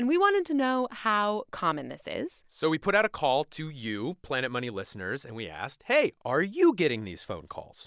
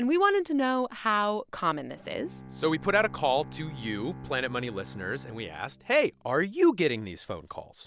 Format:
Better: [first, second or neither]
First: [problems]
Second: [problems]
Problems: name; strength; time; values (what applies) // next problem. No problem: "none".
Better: first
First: none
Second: background sound (Bowed string instrument); 18 dB below the speech